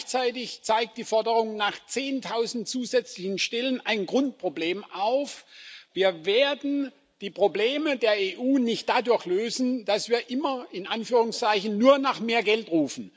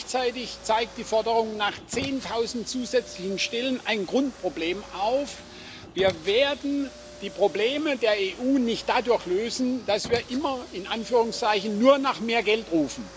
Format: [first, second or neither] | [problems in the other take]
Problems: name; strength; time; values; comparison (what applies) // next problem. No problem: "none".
first | background sound (Car); 17 dB below the speech